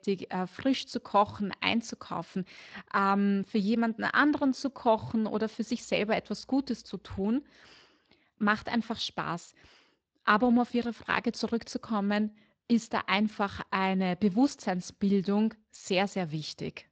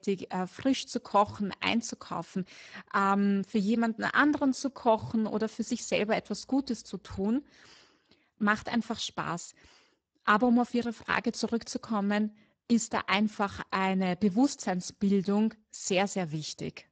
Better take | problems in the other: first | garbled, watery; badly; nothing above 7.5 kHz; slightly in the first

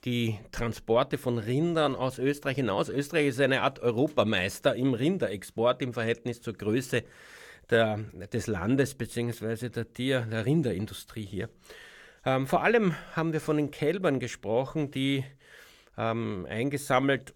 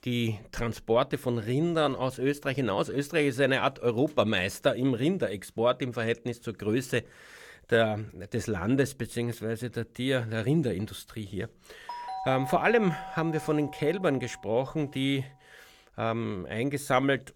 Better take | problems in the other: first | doorbell; noticeable; from 12 to 15 s; peak 7 dB below the speech

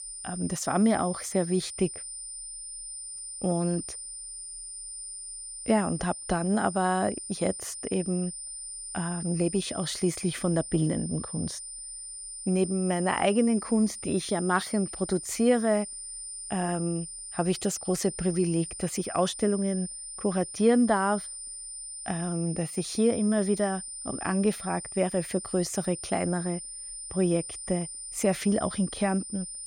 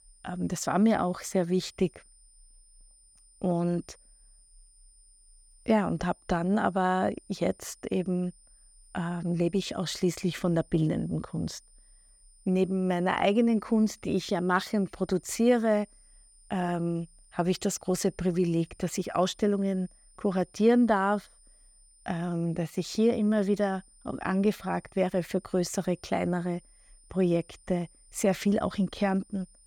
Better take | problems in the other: second | high-pitched whine; loud; throughout; 9 kHz, 8 dB below the speech; faint in the second

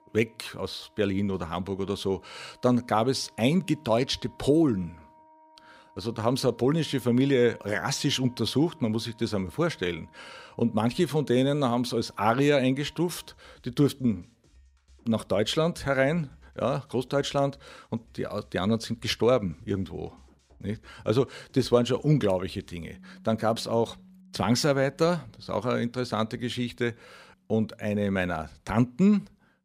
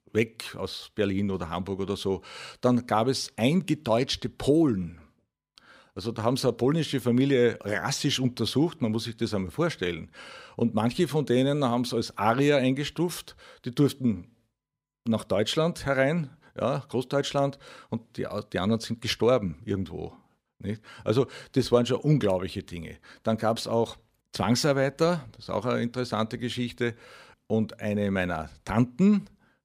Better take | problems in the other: second | background music; faint; throughout; 30 dB below the speech

